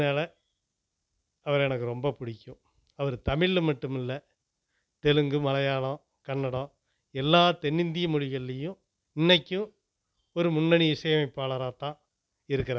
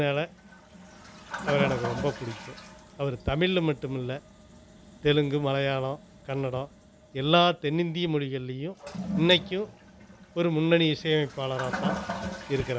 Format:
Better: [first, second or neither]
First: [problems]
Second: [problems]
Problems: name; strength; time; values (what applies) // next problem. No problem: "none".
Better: first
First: none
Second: background sound (Toilet flush); 10 dB below the speech